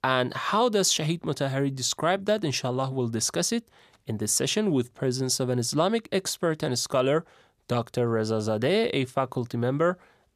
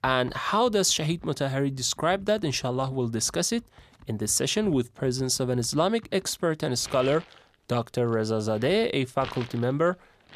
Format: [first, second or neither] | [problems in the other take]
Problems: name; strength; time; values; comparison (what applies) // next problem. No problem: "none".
first | household noises; faint; throughout; 20 dB below the speech